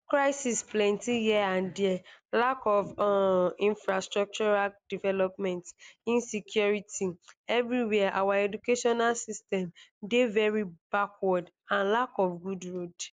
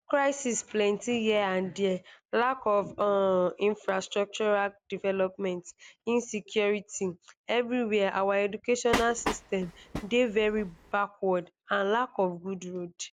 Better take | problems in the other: first | background sound (Train); 7 dB below the speech

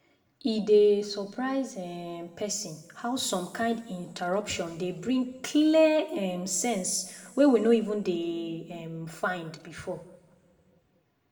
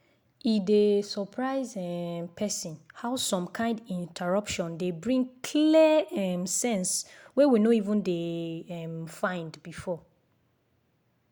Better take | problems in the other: second | room echo; dies away in 1.5 s

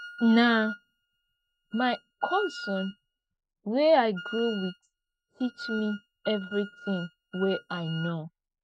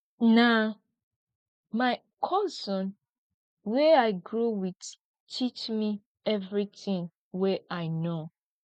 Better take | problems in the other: second | noise reduction (neural mask model RNNoise)

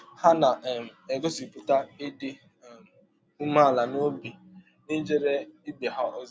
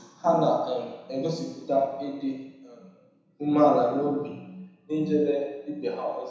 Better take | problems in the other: first | room echo; dies away in 1 s

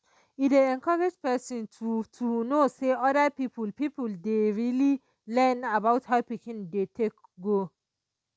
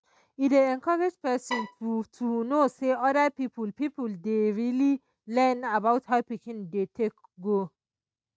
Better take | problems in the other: first | noise reduction (neural mask model RNNoise)

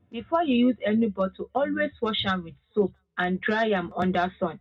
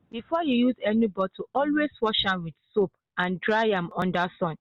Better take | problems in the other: second | room echo; dies away in 0.2 s

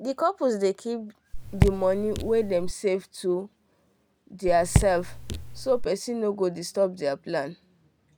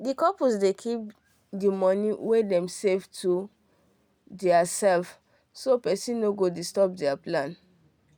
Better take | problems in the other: second | background sound (Raindrop / Drip); as loud as the speech

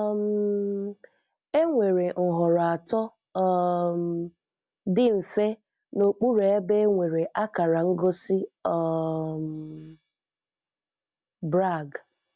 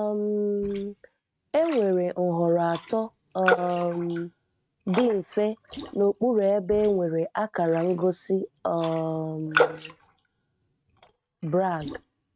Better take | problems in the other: first | noise reduction (neural mask model RNNoise)

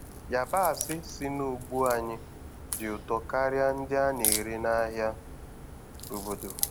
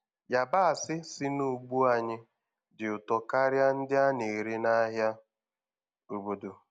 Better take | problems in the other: second | background sound (Crack); 7 dB below the speech

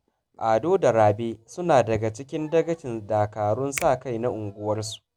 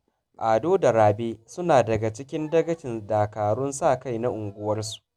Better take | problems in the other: second | background sound (Finger snapping); 18 dB below the speech

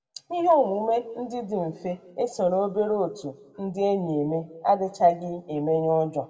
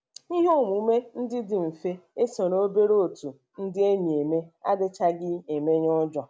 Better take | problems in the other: second | room echo; dies away in 1 s

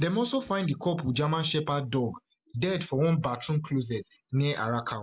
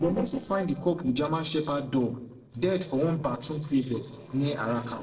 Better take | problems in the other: first | noise reduction (neural separator model SepFormer DNS4)

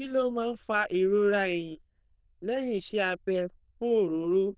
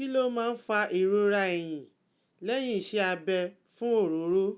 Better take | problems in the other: second | noise reduction (neural diffusion model UNIVERSE++)

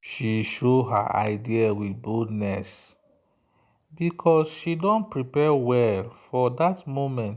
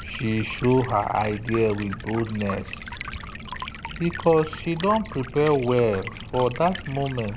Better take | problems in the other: first | background sound (Stream); 11 dB below the speech

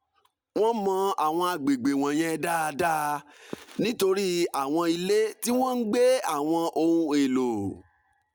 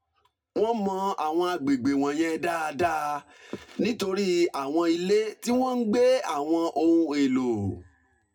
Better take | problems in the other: first | room echo; dies away in 0.2 s

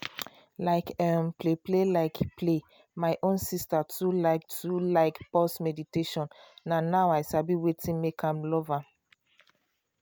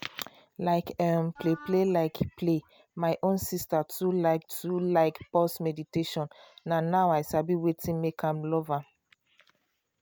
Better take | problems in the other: first | background sound (Wind instrument, woodwind instrument); 20 dB below the speech

